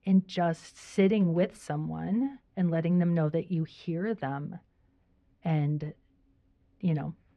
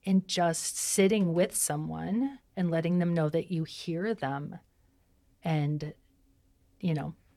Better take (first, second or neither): second